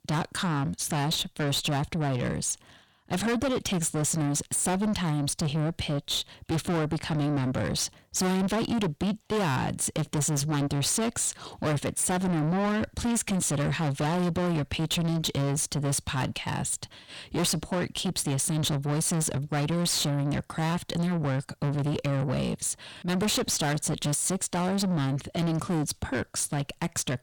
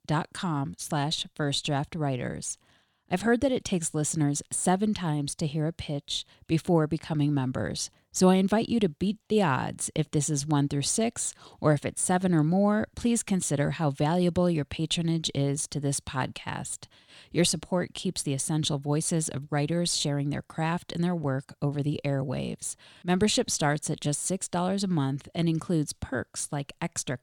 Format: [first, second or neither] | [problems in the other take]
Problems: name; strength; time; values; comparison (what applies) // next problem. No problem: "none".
second | distortion; heavy; 6 dB below the speech